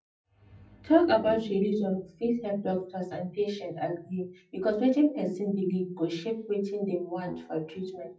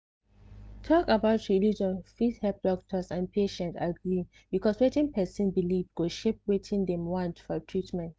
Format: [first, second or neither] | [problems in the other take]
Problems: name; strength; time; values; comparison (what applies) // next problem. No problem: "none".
second | noise reduction (classical method WPE with log-MMSE)